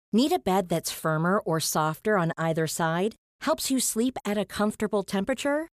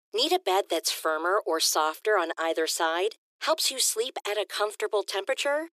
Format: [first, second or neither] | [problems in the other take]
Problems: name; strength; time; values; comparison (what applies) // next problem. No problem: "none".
first | thin; very; fading below 350 Hz